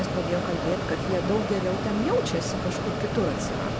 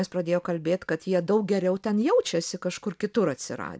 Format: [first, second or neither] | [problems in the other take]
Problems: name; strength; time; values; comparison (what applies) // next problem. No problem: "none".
second | background sound (Mechanisms); as loud as the speech